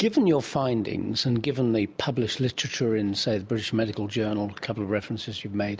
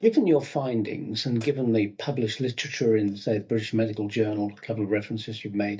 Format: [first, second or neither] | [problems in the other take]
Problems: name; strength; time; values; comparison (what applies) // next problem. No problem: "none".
first | noise reduction (neural mask model DeepFilterNet 3)